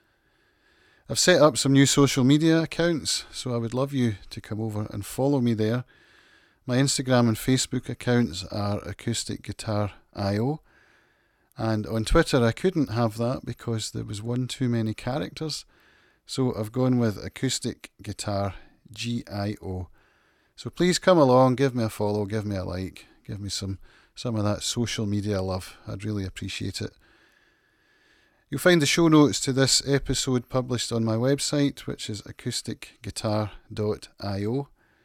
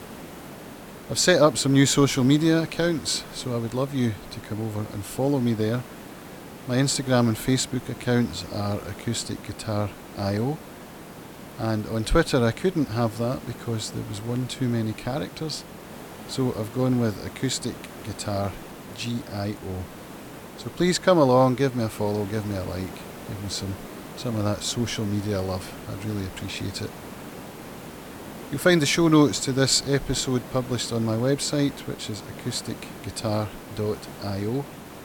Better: first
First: none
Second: hiss; noticeable; throughout; 15 dB below the speech

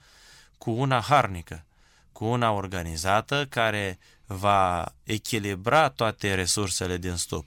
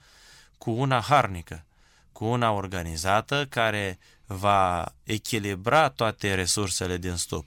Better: neither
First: none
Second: none

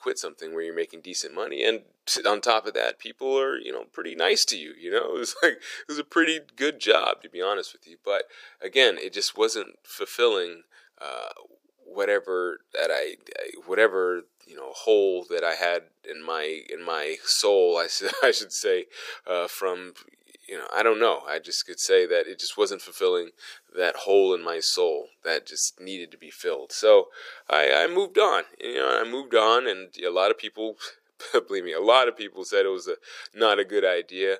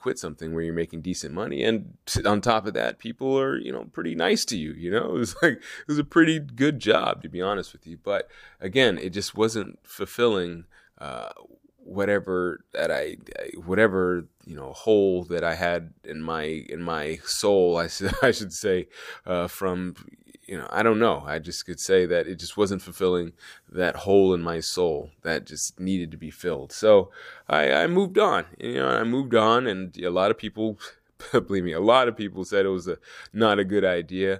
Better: second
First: thin; very; fading below 400 Hz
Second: none

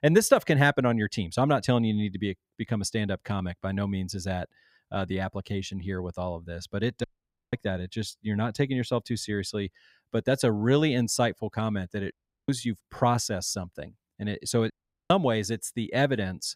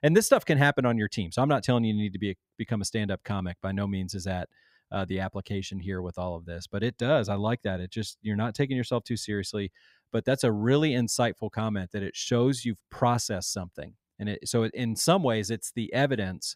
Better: second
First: audio cutting out; at 7 s, at 12 s and at 15 s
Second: none

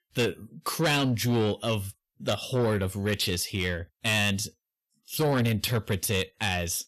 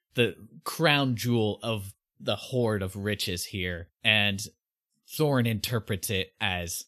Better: second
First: distortion; heavy; 8 dB below the speech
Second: none

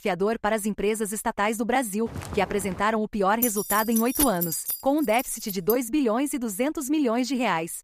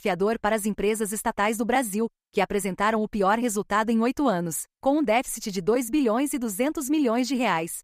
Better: second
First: footsteps; faint; at 2 s; peak 10 dB below the speech // jangling keys; loud; from 3.5 to 5.5 s; peak 1 dB above the speech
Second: none

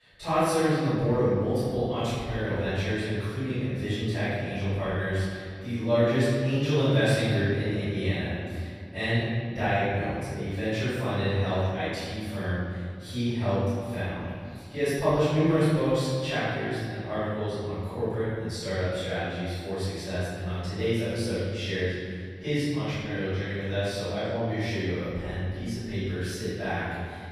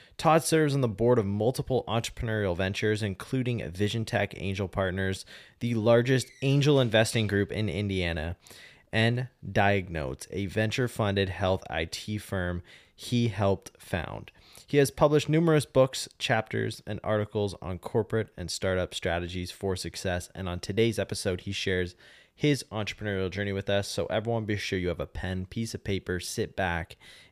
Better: second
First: off-mic speech; far // room echo; strong; dies away in 2.1 s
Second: none

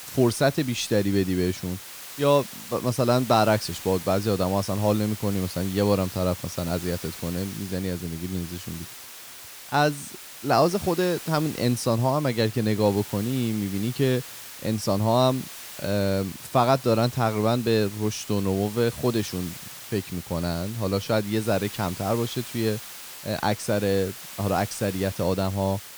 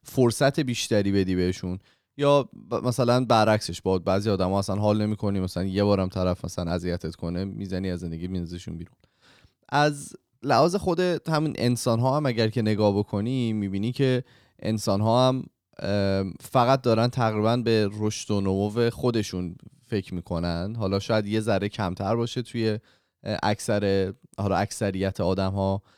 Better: second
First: hiss; noticeable; throughout; 10 dB below the speech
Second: none

